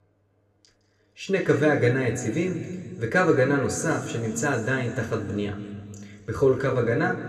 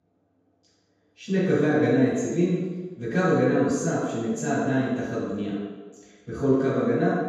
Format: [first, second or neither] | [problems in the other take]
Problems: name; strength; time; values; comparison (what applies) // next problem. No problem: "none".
first | room echo; strong; dies away in 1.2 s; slight in the first // off-mic speech; far; somewhat distant in the first